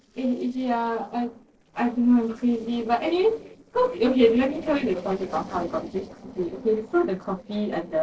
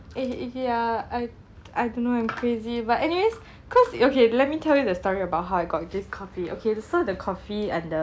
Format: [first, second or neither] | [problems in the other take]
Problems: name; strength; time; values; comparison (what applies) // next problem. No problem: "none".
second | noise reduction (neural separator model SepFormer DNS4)